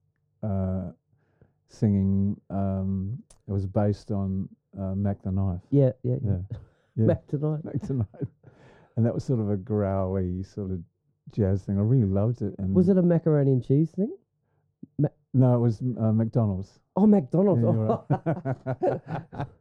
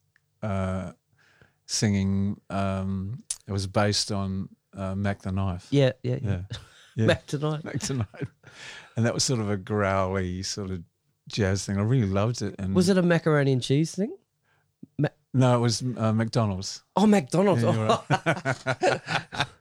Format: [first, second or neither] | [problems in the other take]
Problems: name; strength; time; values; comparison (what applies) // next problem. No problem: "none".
second | muffled; very; fading above 1 kHz